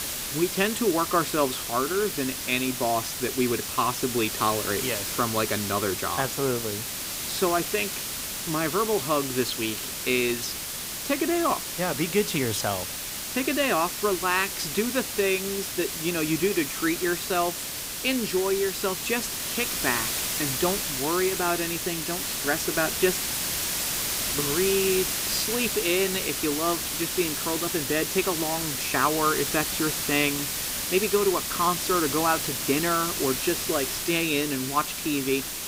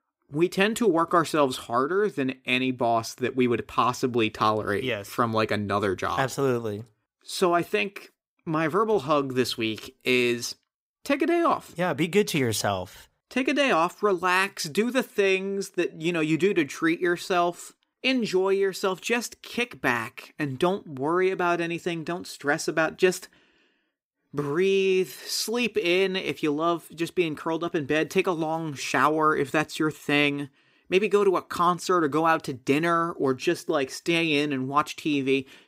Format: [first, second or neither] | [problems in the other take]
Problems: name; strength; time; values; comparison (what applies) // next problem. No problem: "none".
second | hiss; loud; throughout; 1 dB below the speech